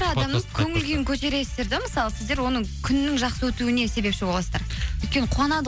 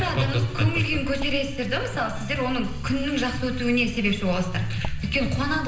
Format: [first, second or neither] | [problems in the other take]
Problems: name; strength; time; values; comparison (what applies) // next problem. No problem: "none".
first | background sound (Writing); 8 dB below the speech // room echo; dies away in 0.9 s